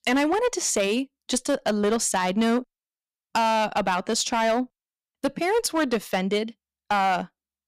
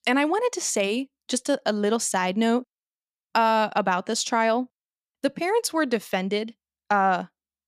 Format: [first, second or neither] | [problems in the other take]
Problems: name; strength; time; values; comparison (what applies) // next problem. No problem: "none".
second | distortion; slight; 7% of the sound clipped